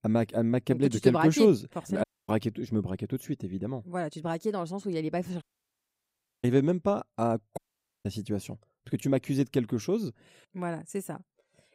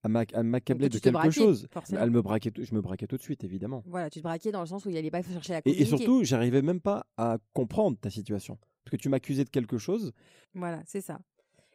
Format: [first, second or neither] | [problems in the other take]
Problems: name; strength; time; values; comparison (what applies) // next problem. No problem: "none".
second | audio cutting out; at 2 s, at 5.5 s for 1 s and at 7.5 s